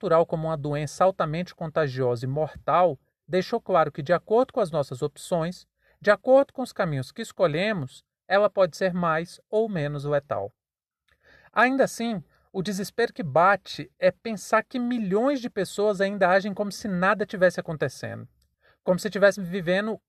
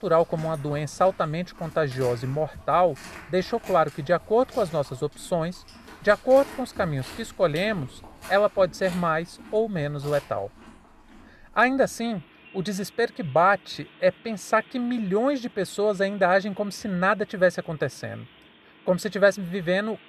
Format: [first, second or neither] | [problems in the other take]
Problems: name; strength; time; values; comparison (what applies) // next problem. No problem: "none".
first | animal sounds; faint; throughout; 20 dB below the speech